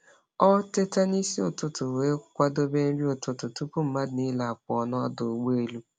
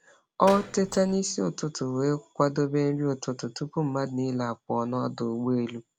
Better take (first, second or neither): first